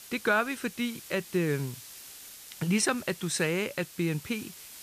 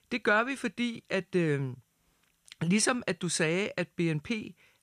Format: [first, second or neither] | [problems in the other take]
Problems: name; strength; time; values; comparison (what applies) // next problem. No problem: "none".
second | hiss; noticeable; throughout; 15 dB below the speech